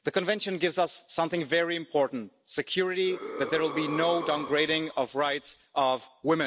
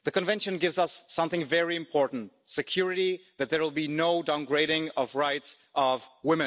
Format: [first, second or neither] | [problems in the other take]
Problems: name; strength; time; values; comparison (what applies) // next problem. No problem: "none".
second | background sound (Breathing); 10 dB below the speech